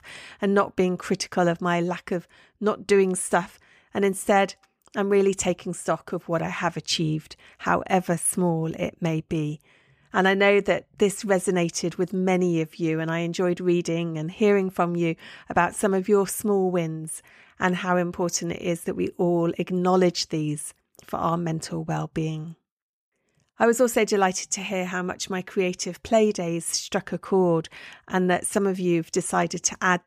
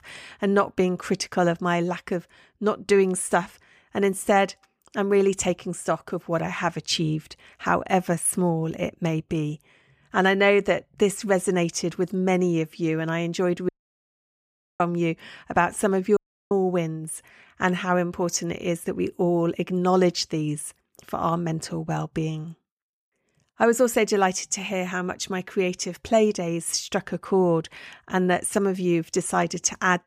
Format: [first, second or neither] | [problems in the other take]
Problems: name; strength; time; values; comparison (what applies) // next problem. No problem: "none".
first | audio cutting out; at 14 s for 1 s and at 16 s